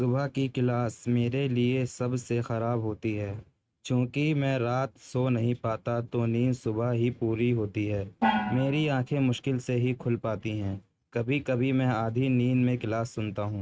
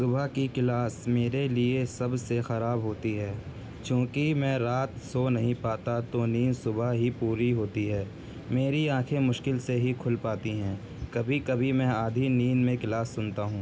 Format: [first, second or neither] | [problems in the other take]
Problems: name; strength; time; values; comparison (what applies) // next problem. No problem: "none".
second | noise reduction (neural mask model RNNoise)